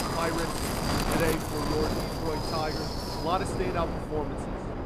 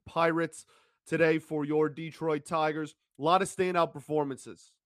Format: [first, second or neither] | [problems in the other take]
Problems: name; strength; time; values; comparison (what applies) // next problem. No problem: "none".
second | wind noise on the microphone; heavy; as loud as the speech